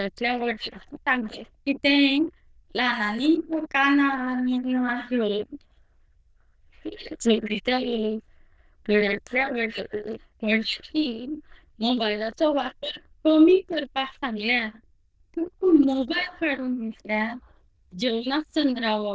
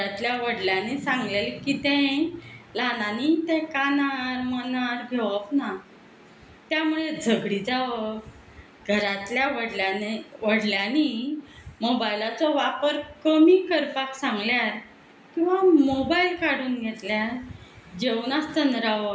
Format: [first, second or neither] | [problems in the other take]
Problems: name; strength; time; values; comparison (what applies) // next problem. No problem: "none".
second | noise reduction (neural diffusion model UNIVERSE++)